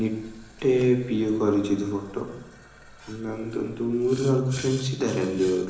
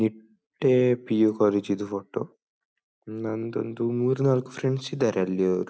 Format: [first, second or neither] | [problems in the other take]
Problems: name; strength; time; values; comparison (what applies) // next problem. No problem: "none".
second | background sound (Boiling); 19 dB below the speech // room echo; dies away in 1 s